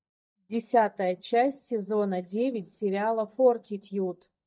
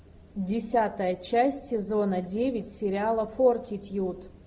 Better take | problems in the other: second | noise reduction (neural mask model DeepFilterNet 3)

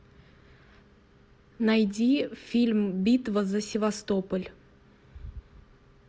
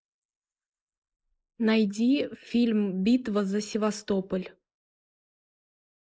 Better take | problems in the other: first | noise reduction (neural mask model Resemble Enhance denoiser)

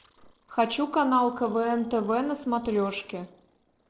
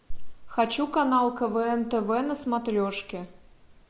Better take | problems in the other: second | noise reduction (neural separator model SepFormer DNS4)

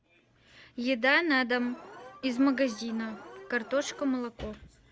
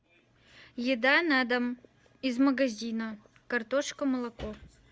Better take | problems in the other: second | background sound (Alarm); 17 dB below the speech

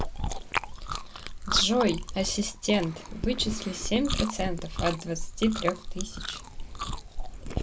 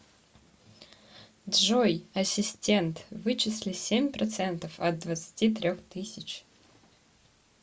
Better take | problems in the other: second | background sound (Chewing, mastication); 3 dB below the speech

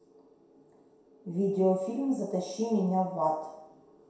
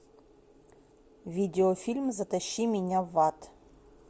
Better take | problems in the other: second | room echo; dies away in 0.7 s

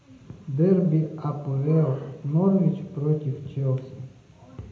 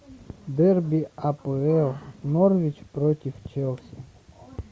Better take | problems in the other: second | room echo; dies away in 0.8 s

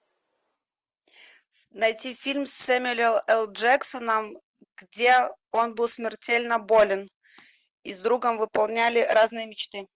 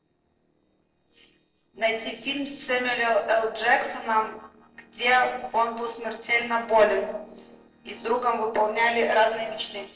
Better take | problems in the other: first | noise reduction (neural separator model SepFormer DNS4)

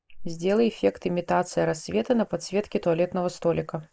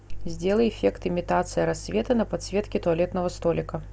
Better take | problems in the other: second | noise reduction (neural mask model Resemble Enhance denoiser)

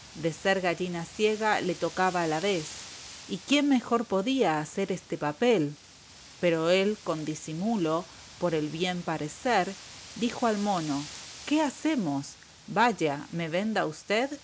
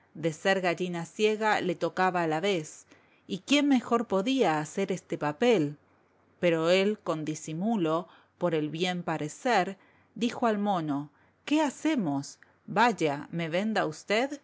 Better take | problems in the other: second | background sound (Wind); 19 dB below the speech

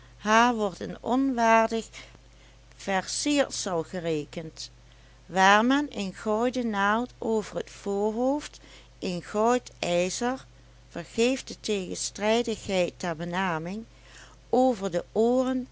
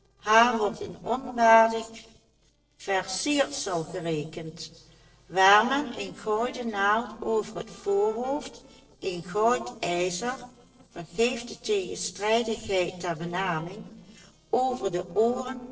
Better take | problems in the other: first | noise reduction (neural separator model SepFormer DNS4)

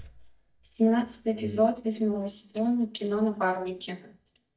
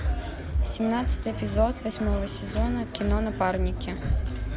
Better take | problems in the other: second | noise reduction (neural mask model DeepFilterNet 3)

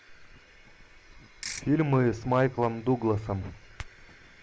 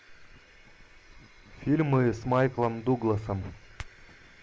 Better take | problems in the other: second | background sound (Ratchet, pawl / Percussion); 9 dB below the speech

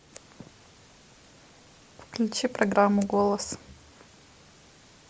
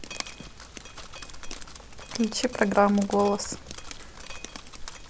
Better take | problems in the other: first | background sound (Drip); 11 dB below the speech

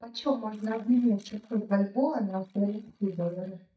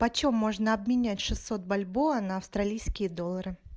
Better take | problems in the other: second | noise reduction (neural mask model DeepFilterNet 3)

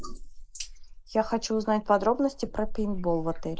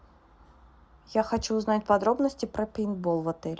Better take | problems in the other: second | noise reduction (neural mask model Resemble Enhance denoiser)

